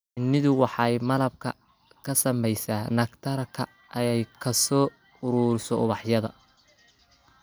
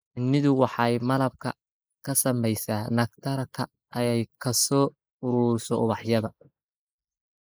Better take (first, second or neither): first